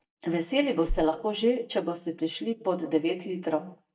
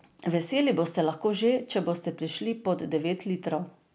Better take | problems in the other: second | noise reduction (neural mask model DeepFilterNet 3)

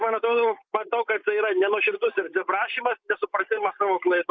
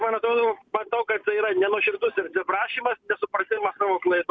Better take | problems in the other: second | noise reduction (neural mask model Resemble Enhance denoiser)

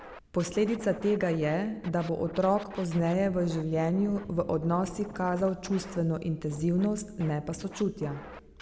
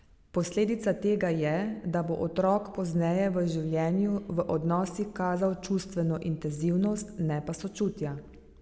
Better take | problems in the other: second | background sound (Scratching (performance technique)); 18 dB below the speech

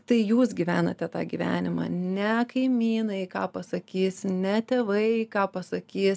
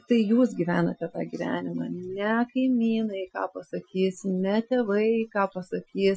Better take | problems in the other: first | noise reduction (classical method Wiener filter)

